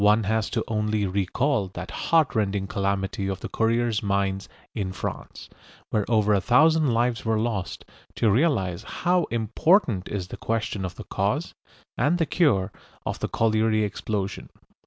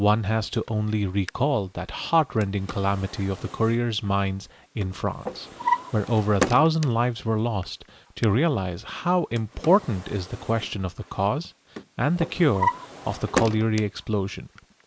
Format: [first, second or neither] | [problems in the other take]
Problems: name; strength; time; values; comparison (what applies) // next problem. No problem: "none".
first | background sound (Drawer open or close); 10 dB below the speech